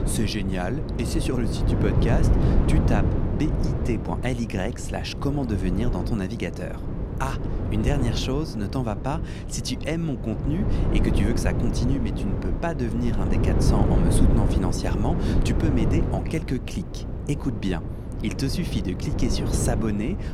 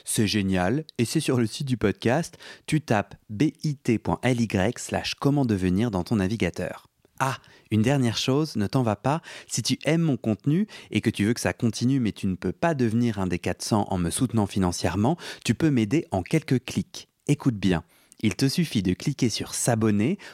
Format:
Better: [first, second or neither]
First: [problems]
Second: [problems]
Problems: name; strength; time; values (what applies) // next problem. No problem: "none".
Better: second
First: wind noise on the microphone; heavy; 2 dB below the speech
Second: none